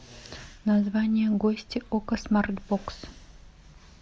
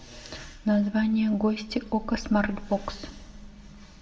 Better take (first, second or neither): first